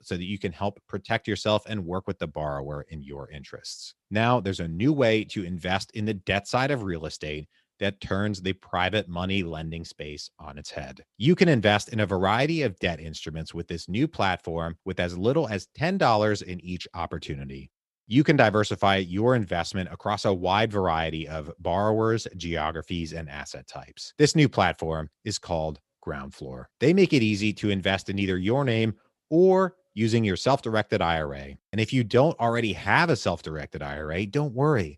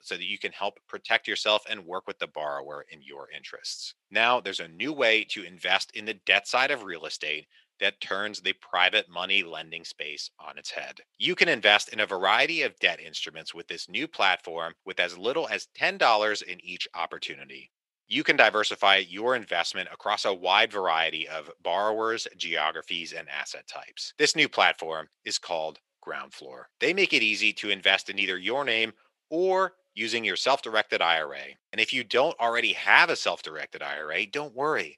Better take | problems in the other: first | thin; very; fading below 500 Hz

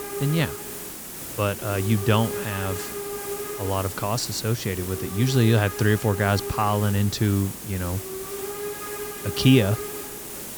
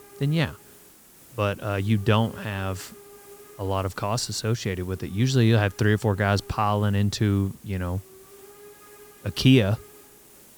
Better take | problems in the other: second | hiss; loud; throughout; 8 dB below the speech; faint in the second

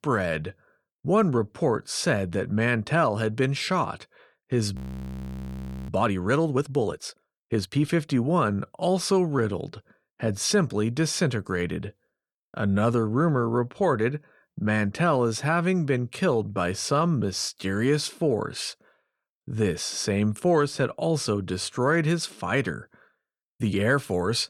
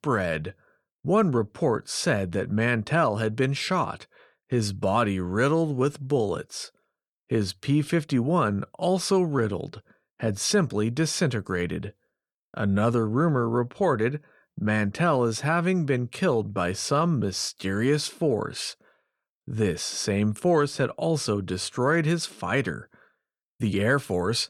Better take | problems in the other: second | audio freezing; at 5 s for 1 s

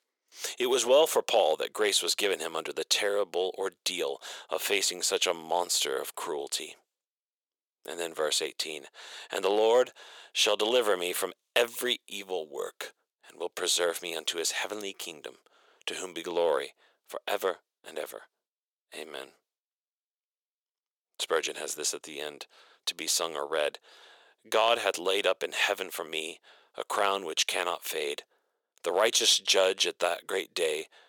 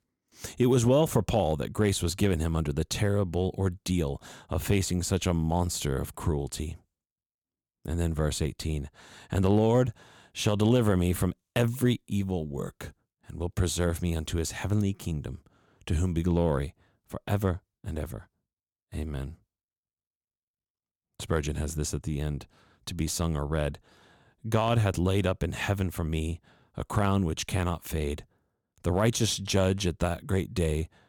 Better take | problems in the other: second | thin; very; fading below 450 Hz

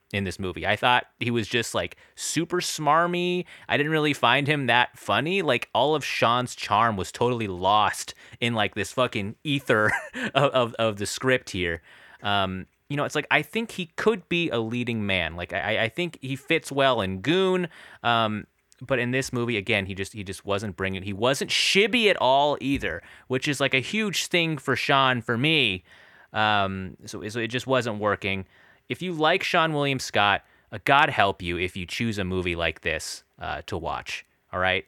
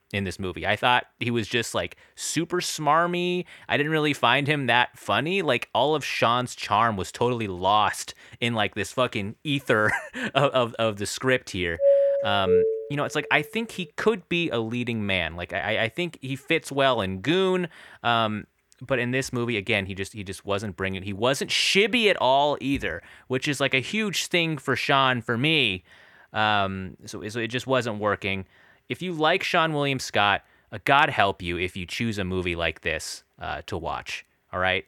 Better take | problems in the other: first | doorbell; loud; from 12 to 13 s; peak 5 dB above the speech

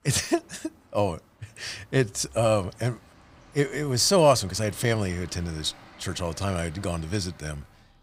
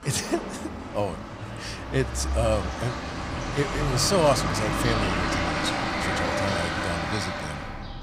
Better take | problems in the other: first | rain or running water; loud; throughout; 1 dB below the speech; faint in the first

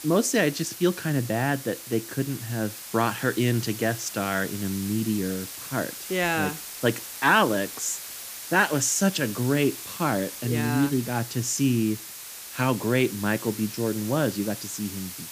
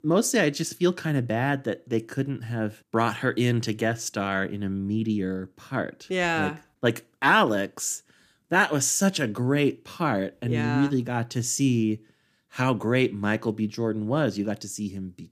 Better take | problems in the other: second | hiss; loud; throughout; 10 dB below the speech

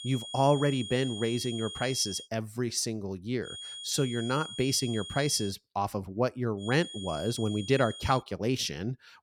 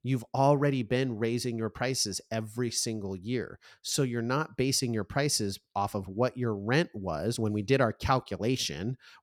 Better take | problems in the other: second | high-pitched whine; loud; until 2 s, from 3.5 to 5.5 s and from 6.5 to 8 s; 3.5 kHz, 10 dB below the speech

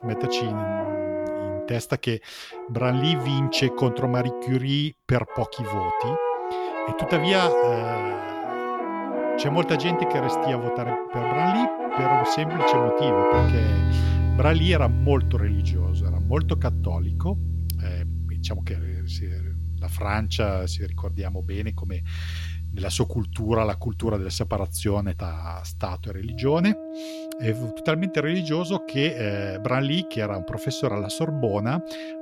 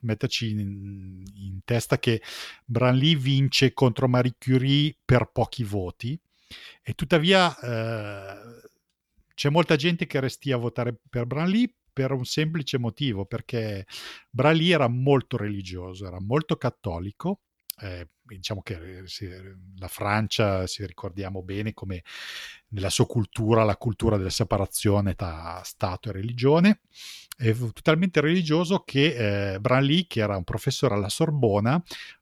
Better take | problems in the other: second | background music; loud; throughout; as loud as the speech

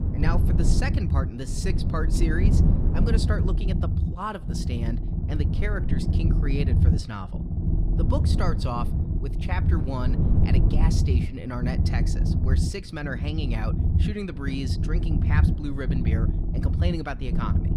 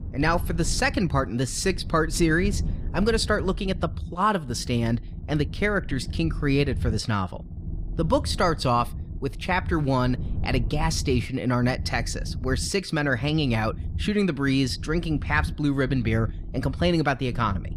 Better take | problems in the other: second | low rumble; loud; throughout; 3 dB below the speech; faint in the second

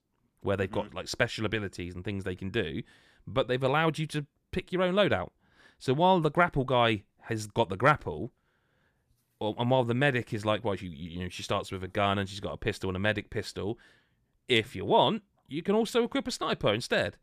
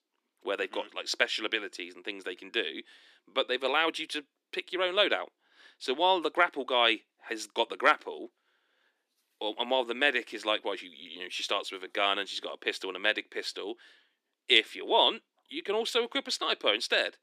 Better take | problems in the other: first | thin; somewhat; fading below 300 Hz

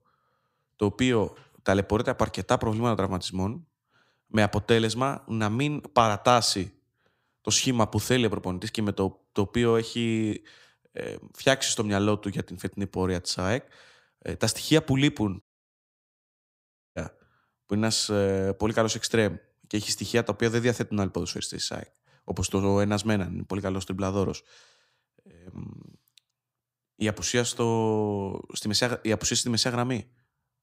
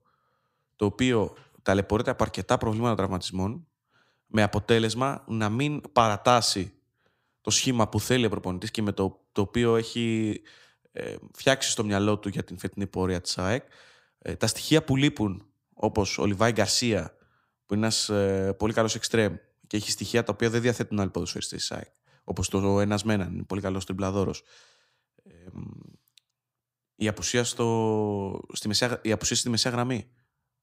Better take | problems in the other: second | audio cutting out; at 15 s for 1.5 s

